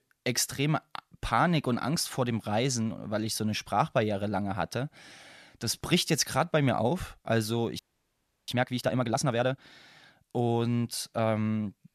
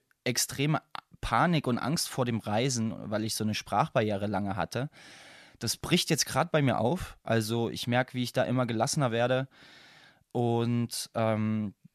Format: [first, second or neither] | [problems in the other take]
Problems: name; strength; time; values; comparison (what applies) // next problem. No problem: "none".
second | audio freezing; at 8 s for 0.5 s